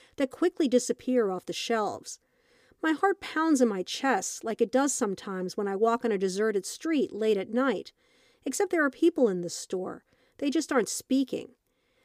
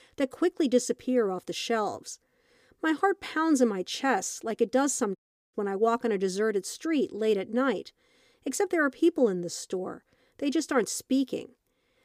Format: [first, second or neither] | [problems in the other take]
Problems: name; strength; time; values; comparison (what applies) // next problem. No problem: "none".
first | audio cutting out; at 5 s